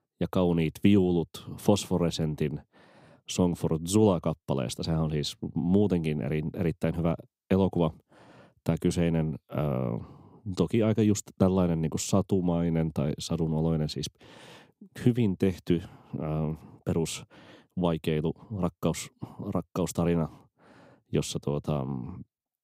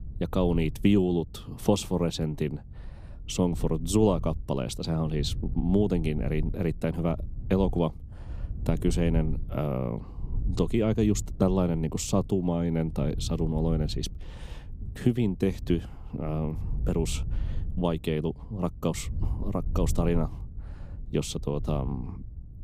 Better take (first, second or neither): first